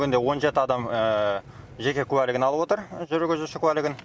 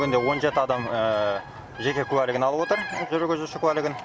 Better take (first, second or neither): first